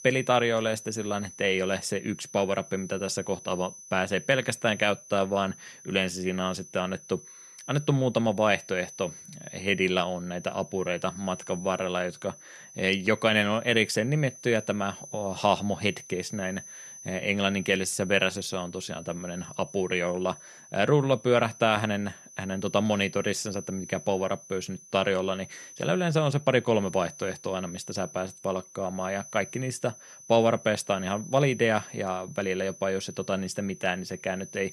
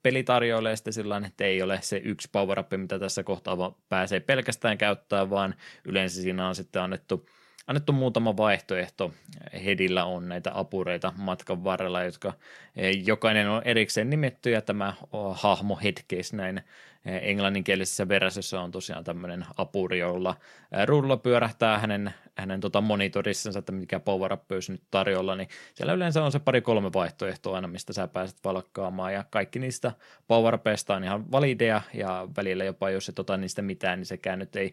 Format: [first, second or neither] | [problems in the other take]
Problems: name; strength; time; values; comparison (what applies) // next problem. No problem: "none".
second | high-pitched whine; noticeable; throughout; 6 kHz, 15 dB below the speech